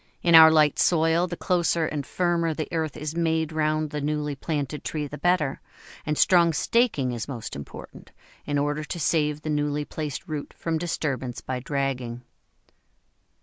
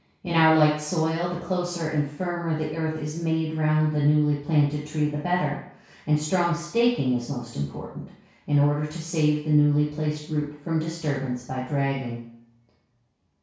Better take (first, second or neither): first